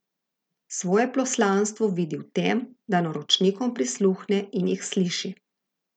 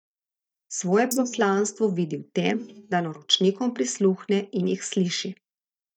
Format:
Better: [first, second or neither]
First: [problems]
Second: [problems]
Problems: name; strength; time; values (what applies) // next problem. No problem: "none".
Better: first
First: none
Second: noise reduction (neural mask model DeepFilterNet 3)